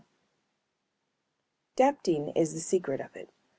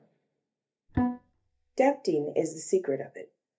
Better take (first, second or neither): first